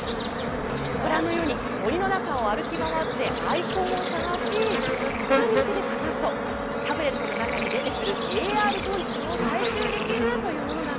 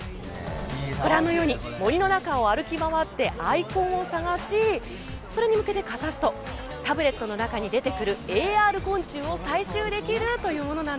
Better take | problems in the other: second | background sound (Bird / Insect); 1 dB above the speech

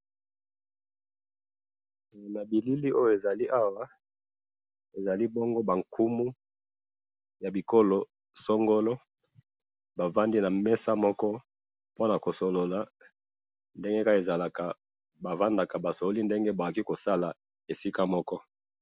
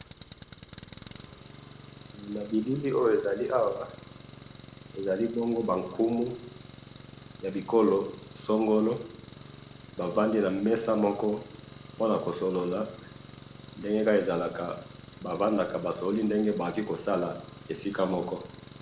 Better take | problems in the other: first | background sound (Engine); 18 dB below the speech // room echo; dies away in 0.6 s

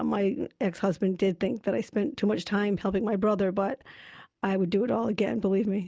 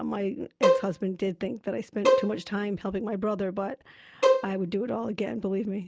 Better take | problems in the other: first | background sound (Bowed string instrument); 3 dB above the speech

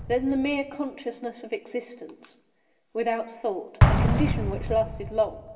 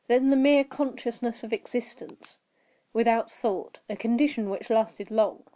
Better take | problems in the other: second | background sound (Explosion); 1 dB above the speech // room echo; dies away in 0.9 s

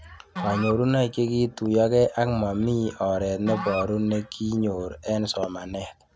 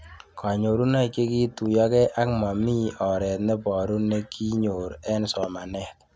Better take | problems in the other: second | background sound (Musical instrument); 14 dB below the speech

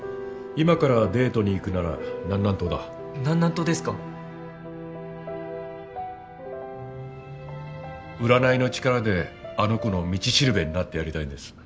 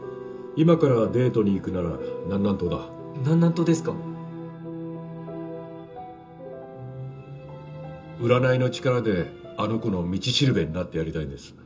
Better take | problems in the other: first | room echo; dies away in 0.2 s

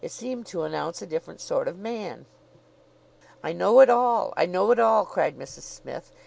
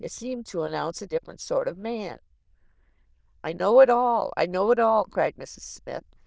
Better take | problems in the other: first | noise reduction (neural diffusion model UNIVERSE++)

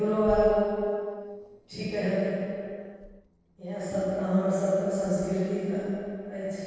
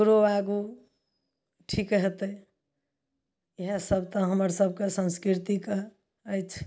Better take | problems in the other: second | noise reduction (neural separator model SepFormer DNS4)

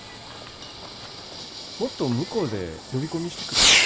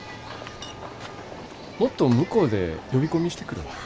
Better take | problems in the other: second | background sound (Fireworks); 5 dB above the speech

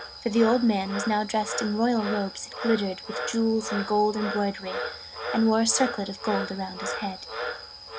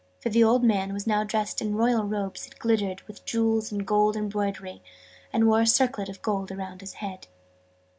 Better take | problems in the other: second | background sound (Frog); 8 dB below the speech

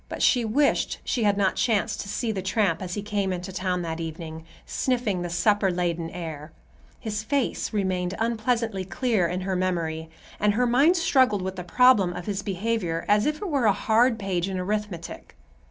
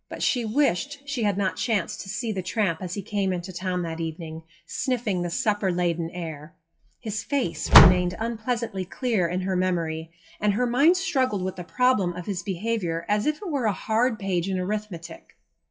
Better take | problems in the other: first | noise reduction (classical method WPE with log-MMSE)

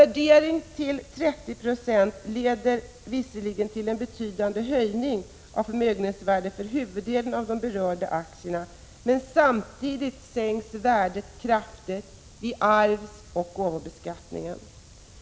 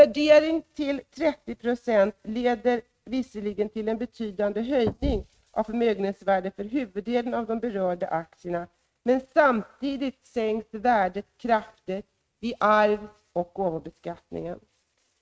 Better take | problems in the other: first | noise reduction (neural mask model RNNoise)

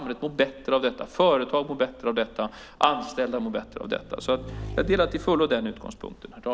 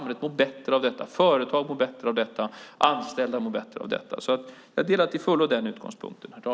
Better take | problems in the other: second | background sound (Motorcycle / Engine); 16 dB below the speech

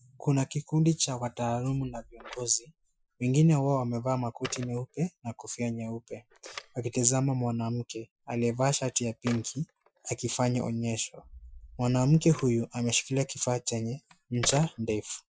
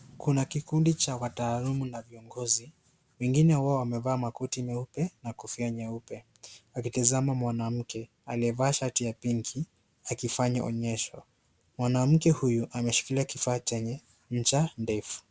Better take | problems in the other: second | noise reduction (classical method Wiener filter)

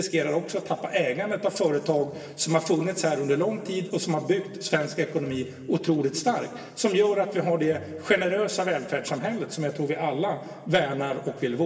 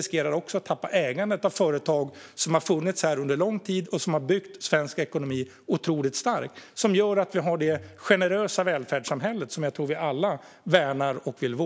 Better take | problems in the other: second | room echo; dies away in 2.3 s

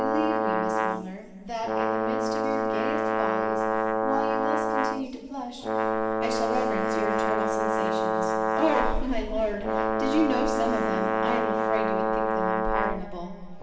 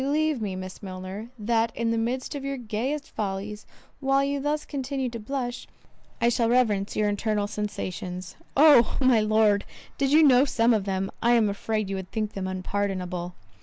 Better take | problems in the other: second | background sound (Brass instrument); 5 dB above the speech // room echo; dies away in 2.4 s

